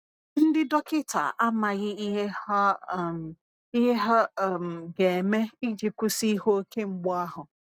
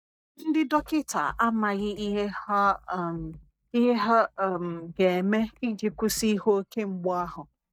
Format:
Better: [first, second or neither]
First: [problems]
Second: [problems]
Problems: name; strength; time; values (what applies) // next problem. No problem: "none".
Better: first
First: none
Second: noise reduction (neural mask model DeepFilterNet 3)